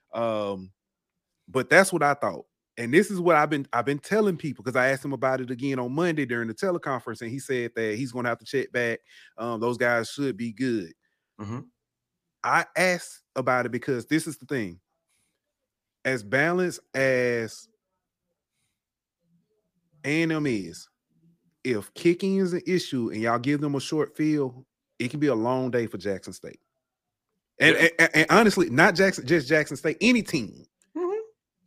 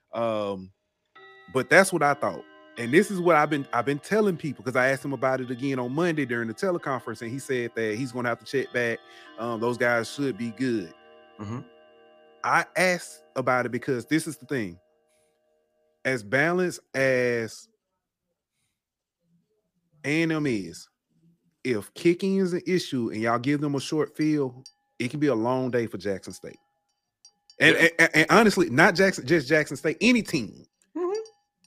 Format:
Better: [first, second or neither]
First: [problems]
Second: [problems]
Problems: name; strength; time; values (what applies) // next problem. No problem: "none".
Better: first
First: none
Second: household noises; faint; throughout; 30 dB below the speech